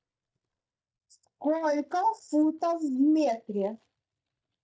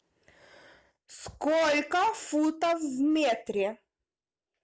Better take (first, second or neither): second